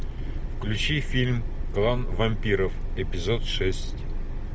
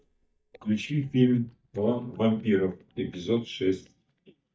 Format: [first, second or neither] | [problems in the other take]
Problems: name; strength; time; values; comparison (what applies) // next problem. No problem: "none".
first | noise reduction (neural mask model DeepFilterNet 3)